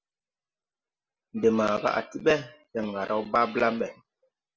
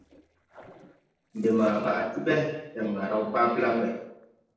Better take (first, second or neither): first